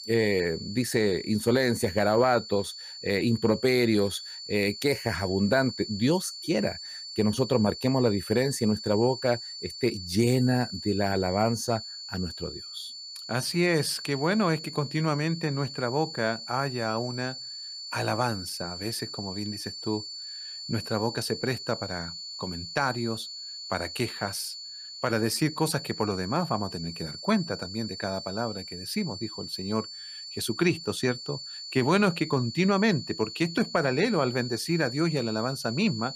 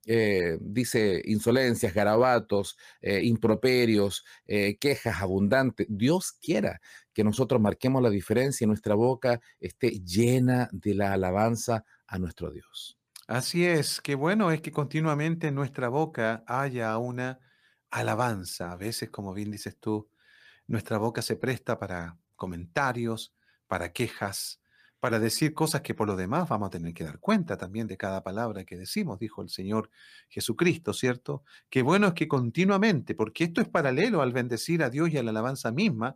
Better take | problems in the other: second | high-pitched whine; loud; throughout; 4.5 kHz, 9 dB below the speech

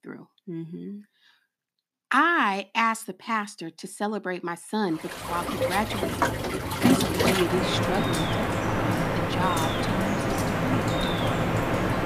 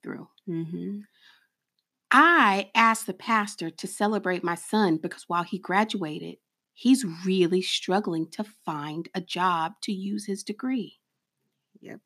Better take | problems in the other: second | rain or running water; very loud; from 5.5 s on; 3 dB above the speech

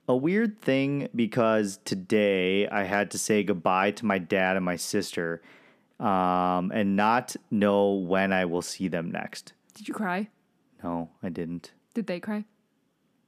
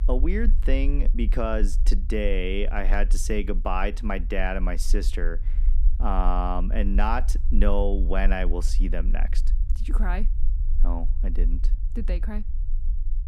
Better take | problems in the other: first | low rumble; faint; throughout; 20 dB below the speech

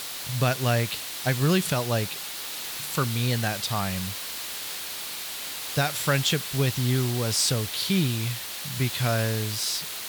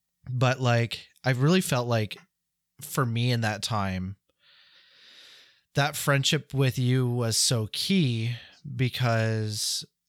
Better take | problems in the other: second | hiss; loud; throughout; 5 dB below the speech

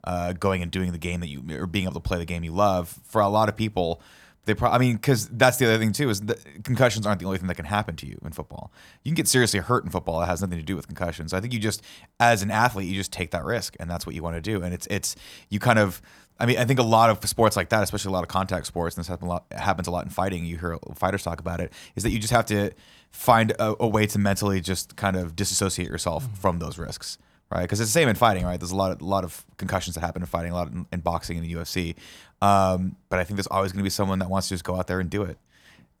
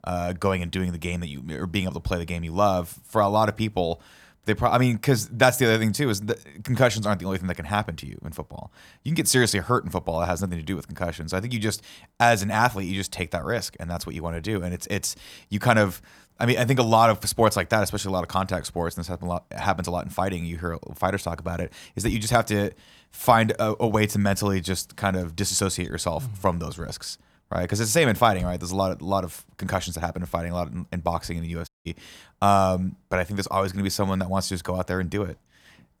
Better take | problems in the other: first | audio cutting out; at 32 s

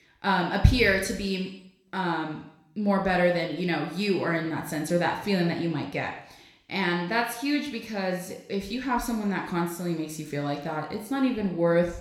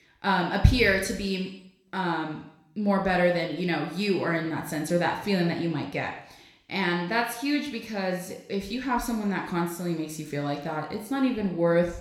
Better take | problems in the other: neither | room echo; slight; dies away in 0.7 s; the same in both

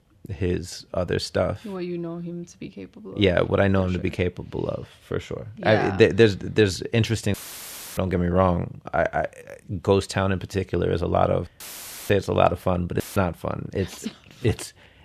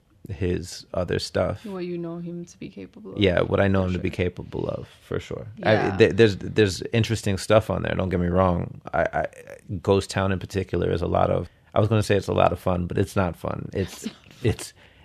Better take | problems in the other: second | audio cutting out; filled with static; at 7.5 s for 0.5 s, at 12 s for 0.5 s and at 13 s

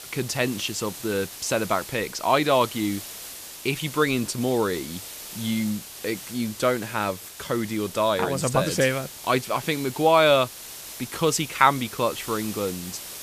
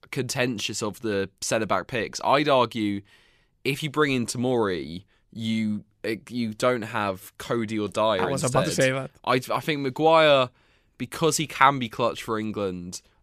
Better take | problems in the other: second | hiss; noticeable; throughout; 10 dB below the speech

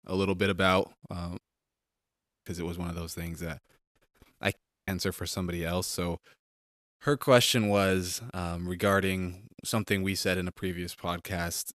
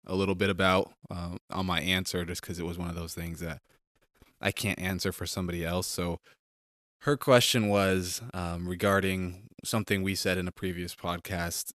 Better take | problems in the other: second | audio cutting out; at 1.5 s for 1 s and at 4.5 s

